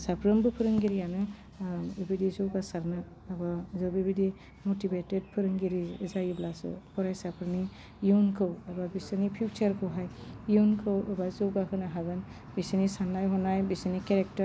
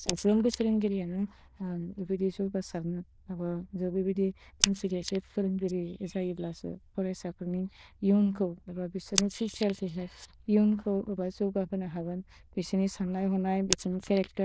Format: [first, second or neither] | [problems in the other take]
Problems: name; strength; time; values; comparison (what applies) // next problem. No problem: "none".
first | noise reduction (neural diffusion model UNIVERSE++)